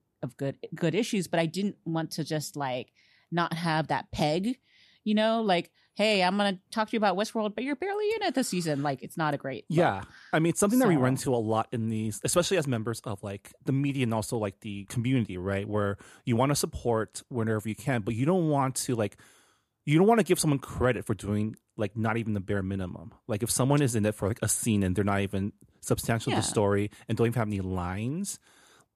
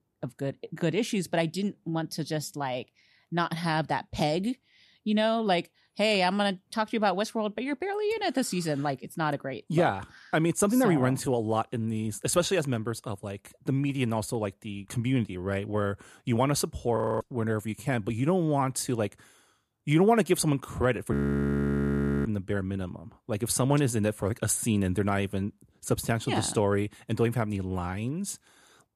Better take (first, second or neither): first